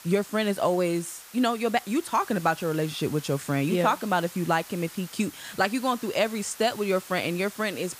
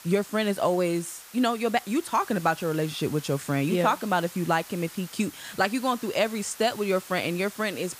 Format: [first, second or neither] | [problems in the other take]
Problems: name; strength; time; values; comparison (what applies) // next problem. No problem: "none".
neither | hiss; noticeable; throughout; 15 dB below the speech; the same in both